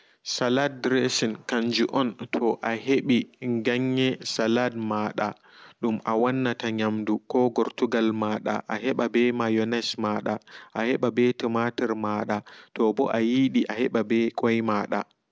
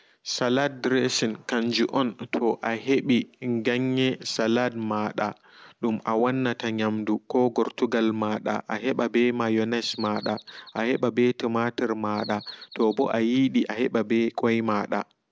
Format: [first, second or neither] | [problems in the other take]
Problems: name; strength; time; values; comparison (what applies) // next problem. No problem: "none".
first | background sound (Bird vocalization, bird call, bird song); 20 dB below the speech